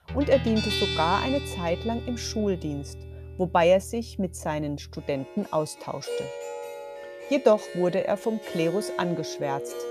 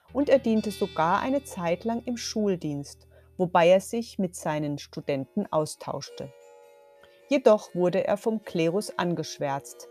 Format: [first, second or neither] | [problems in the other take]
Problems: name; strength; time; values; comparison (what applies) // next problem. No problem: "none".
second | background music; loud; throughout; 8 dB below the speech; faint in the second